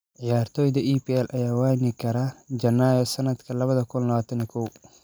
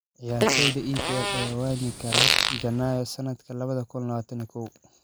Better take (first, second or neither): first